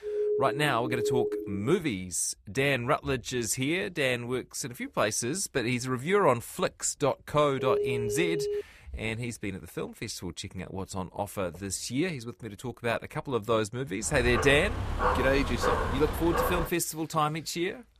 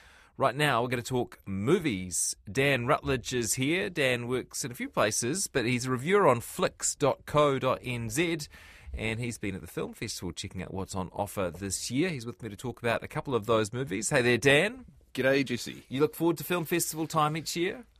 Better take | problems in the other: second | siren; loud; until 1.5 s; peak level with the speech // phone ringing; loud; from 7.5 to 8.5 s; peak 1 dB above the speech // dog barking; loud; from 14 to 17 s; peak 1 dB above the speech

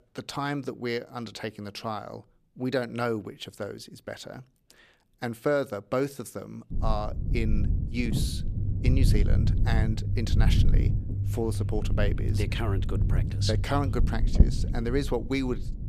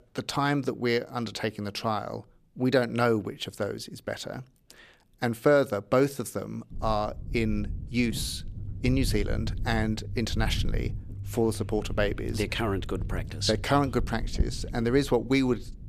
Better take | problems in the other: second | low rumble; loud; from 6.5 s on; 8 dB below the speech; faint in the second

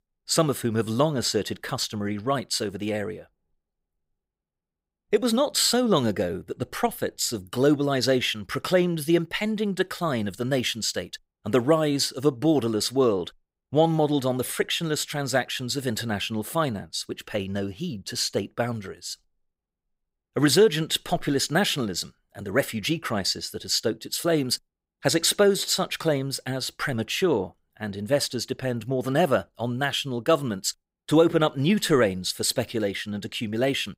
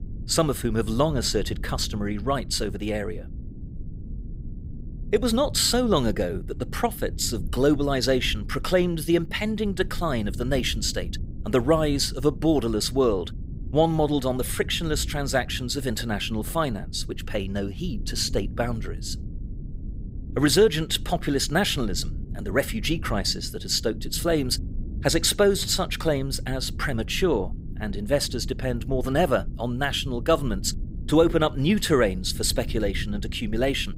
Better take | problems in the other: first | low rumble; faint; throughout; 20 dB below the speech

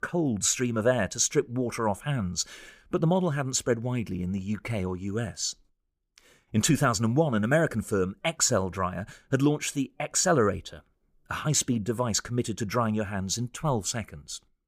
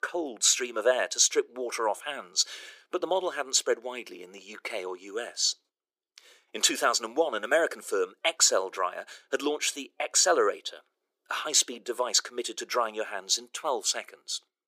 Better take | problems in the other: first | thin; very; fading below 350 Hz

